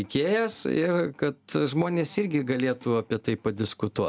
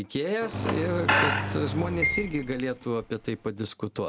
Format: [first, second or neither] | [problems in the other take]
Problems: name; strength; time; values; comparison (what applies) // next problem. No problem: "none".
first | background sound (Engine + Squeak / Screech); 1 dB above the speech